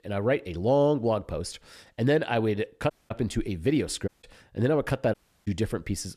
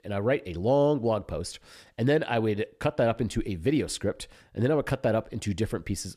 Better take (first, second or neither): second